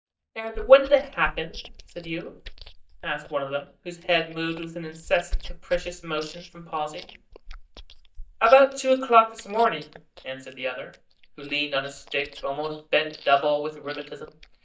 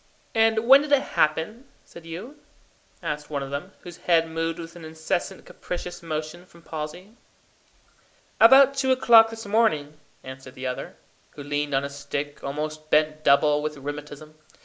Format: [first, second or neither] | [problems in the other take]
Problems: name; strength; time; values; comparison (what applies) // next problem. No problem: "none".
second | noise reduction (neural mask model DeepFilterNet 3)